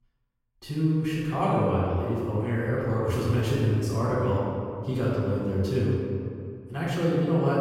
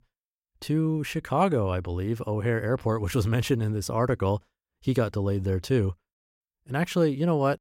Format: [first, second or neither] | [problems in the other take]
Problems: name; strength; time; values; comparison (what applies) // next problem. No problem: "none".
second | room echo; strong; dies away in 2.1 s // off-mic speech; far